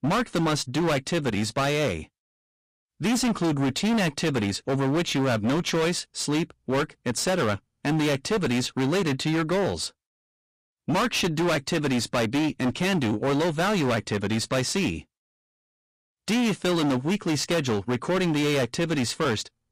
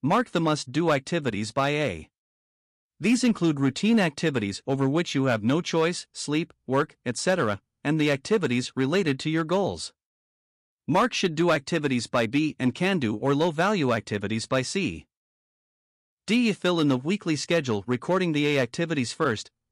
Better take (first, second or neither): second